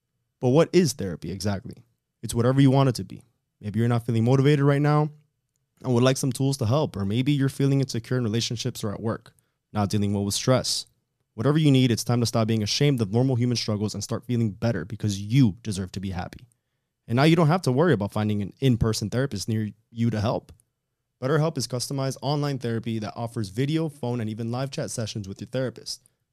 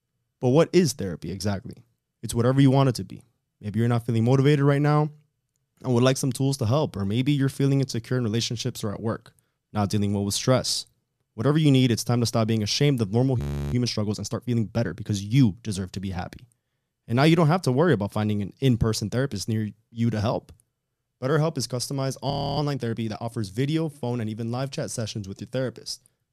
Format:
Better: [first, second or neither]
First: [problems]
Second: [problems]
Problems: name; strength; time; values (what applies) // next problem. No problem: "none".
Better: first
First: none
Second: audio freezing; at 13 s and at 22 s